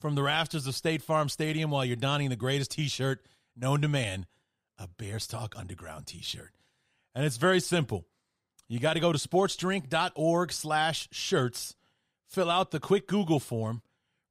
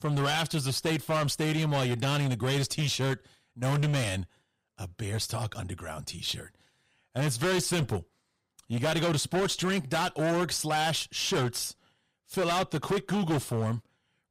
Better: first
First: none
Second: distortion; heavy; 16% of the sound clipped

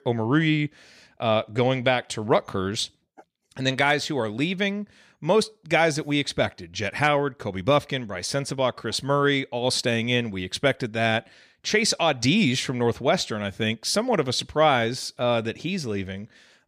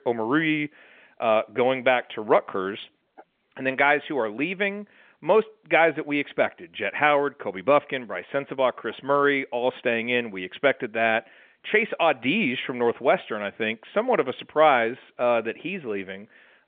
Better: first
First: none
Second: phone-call audio; nothing above 3.5 kHz

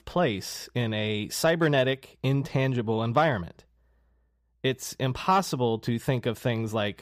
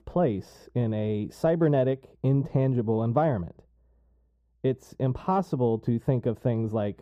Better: first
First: none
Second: muffled; very; fading above 1 kHz

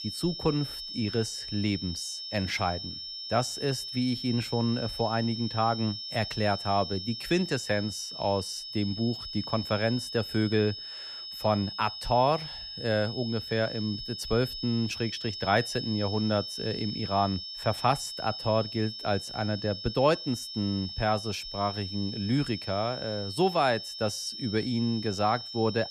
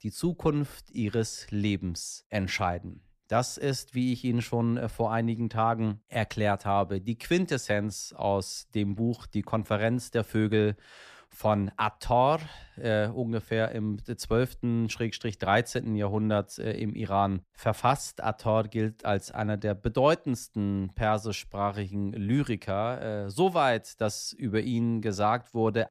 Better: second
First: high-pitched whine; loud; throughout; 5.5 kHz, 7 dB below the speech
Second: none

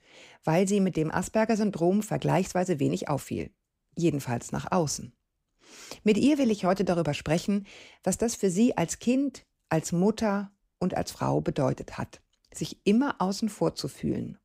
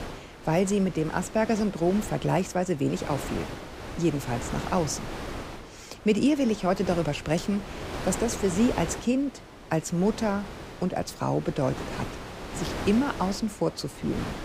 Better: first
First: none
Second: wind noise on the microphone; heavy; 9 dB below the speech

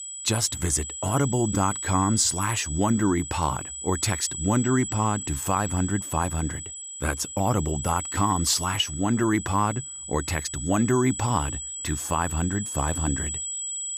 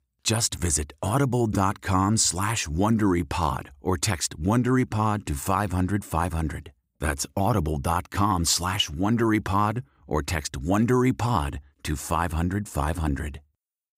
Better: second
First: high-pitched whine; loud; throughout; 8 kHz, 6 dB below the speech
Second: none

